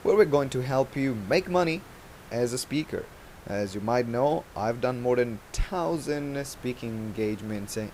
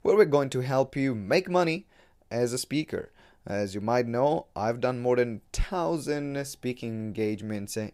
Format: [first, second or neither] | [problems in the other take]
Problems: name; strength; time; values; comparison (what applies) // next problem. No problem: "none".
second | hiss; noticeable; throughout; 20 dB below the speech